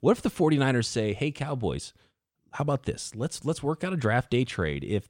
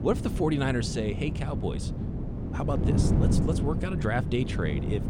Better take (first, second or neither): first